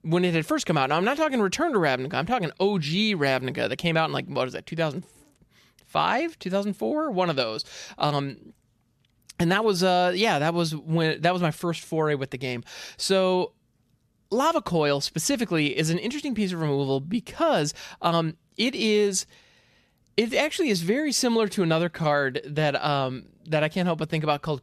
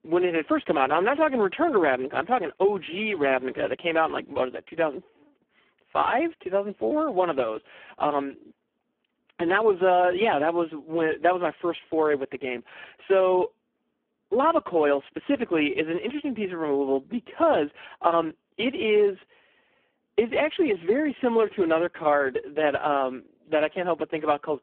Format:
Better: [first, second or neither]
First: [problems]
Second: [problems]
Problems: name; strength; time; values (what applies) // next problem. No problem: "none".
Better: first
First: none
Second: phone-call audio; poor line